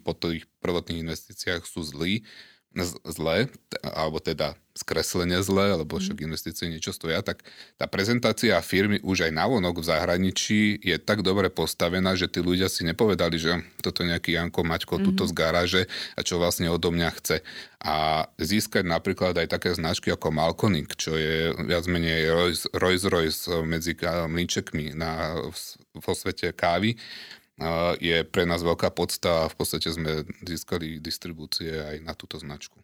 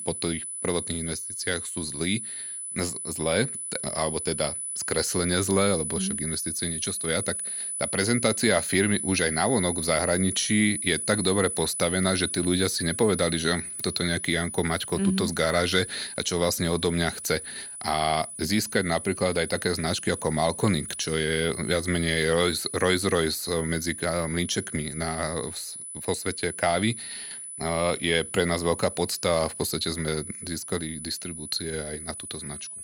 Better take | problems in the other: first | high-pitched whine; loud; throughout; 10 kHz, 6 dB below the speech

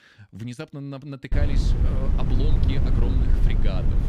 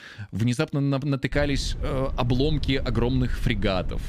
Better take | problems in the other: second | wind noise on the microphone; heavy; from 1.5 s on; as loud as the speech; occasional gusts in the second

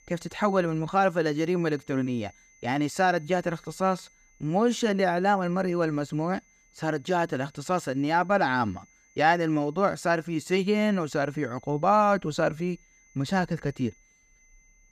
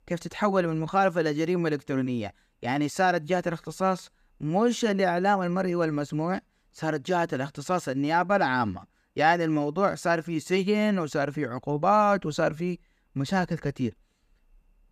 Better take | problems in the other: second | high-pitched whine; faint; throughout; 2 kHz, 30 dB below the speech

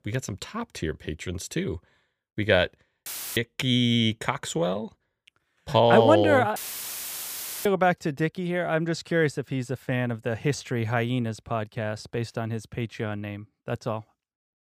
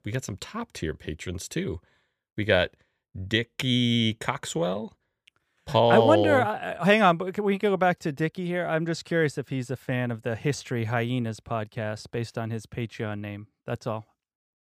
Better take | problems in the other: second | audio cutting out; filled with static; at 3 s and at 6.5 s for 1 s

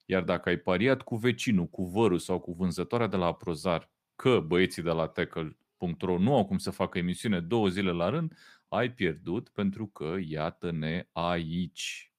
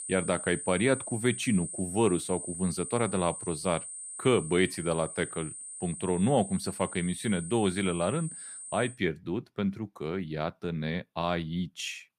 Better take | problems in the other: first | high-pitched whine; loud; until 9 s; 8.5 kHz, 8 dB below the speech

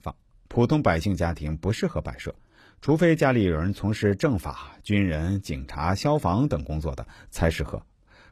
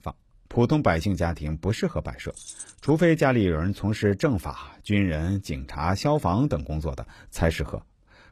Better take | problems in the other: first | jangling keys; faint; at 2.5 s; peak 15 dB below the speech

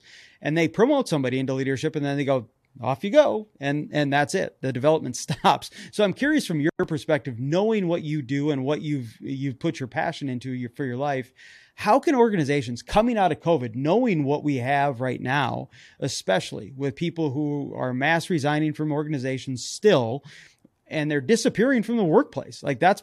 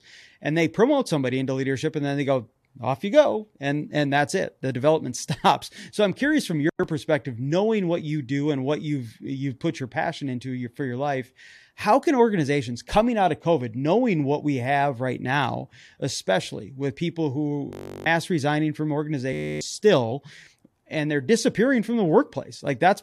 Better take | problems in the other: first | audio freezing; at 18 s and at 19 s

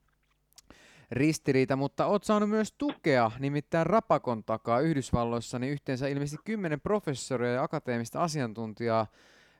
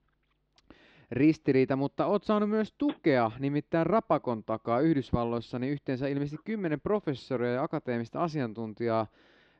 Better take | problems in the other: first | muffled; very slightly; fading above 4 kHz

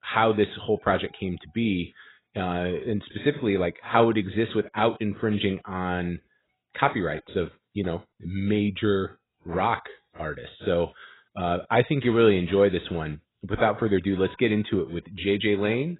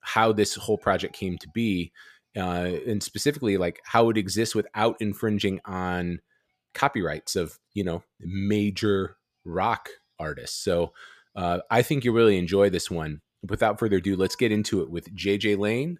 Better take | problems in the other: second | garbled, watery; badly; nothing above 4 kHz

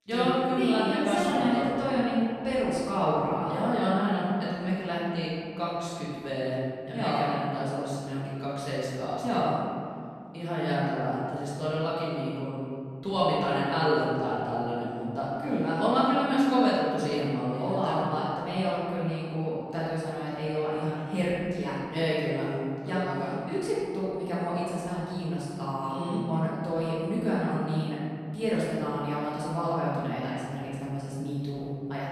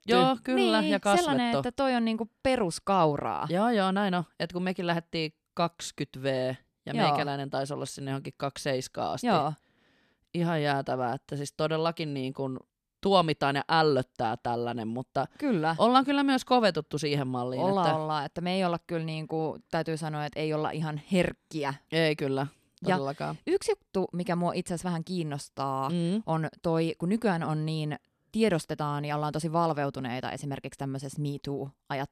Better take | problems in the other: second | room echo; strong; dies away in 2.1 s // off-mic speech; far

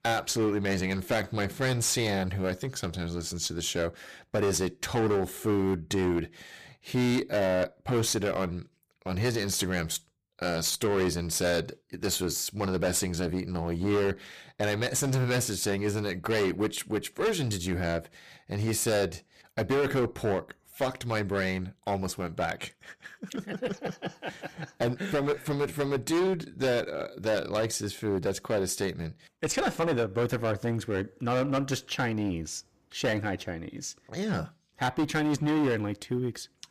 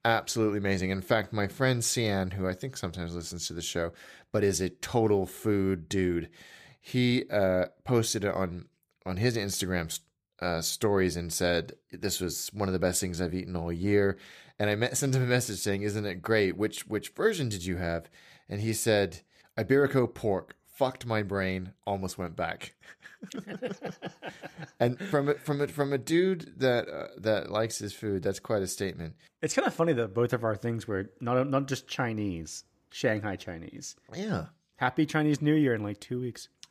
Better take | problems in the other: second | distortion; heavy; 12% of the sound clipped

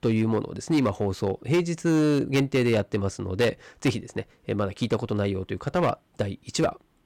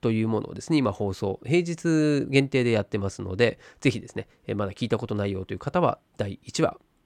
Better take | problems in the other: second | distortion; slight; 5% of the sound clipped

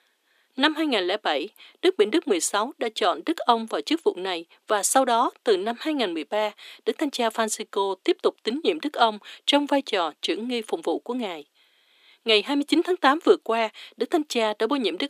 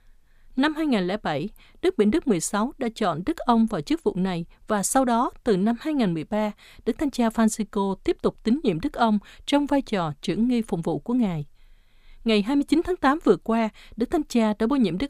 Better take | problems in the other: second | thin; somewhat; fading below 300 Hz

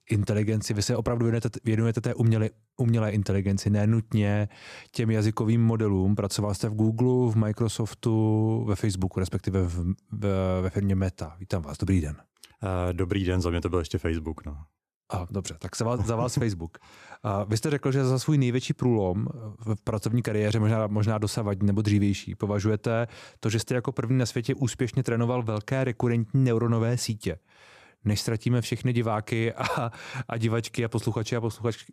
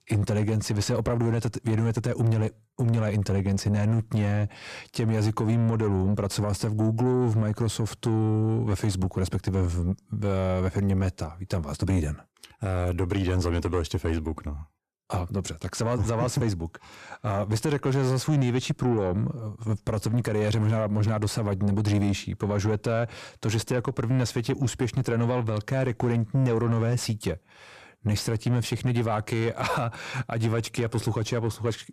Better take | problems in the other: first | distortion; slight; 10 dB below the speech

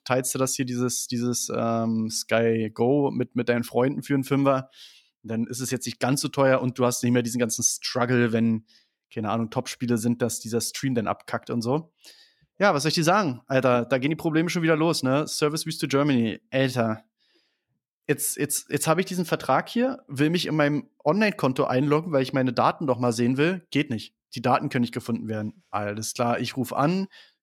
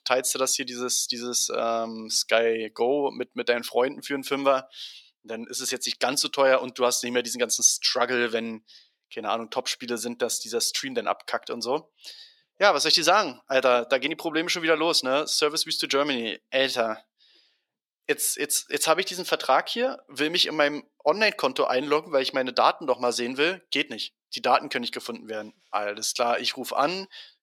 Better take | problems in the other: first | thin; somewhat; fading below 500 Hz

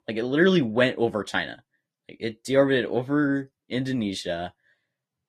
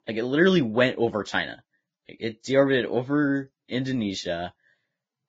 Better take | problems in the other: first | garbled, watery; badly; nothing above 7.5 kHz; slightly in the first

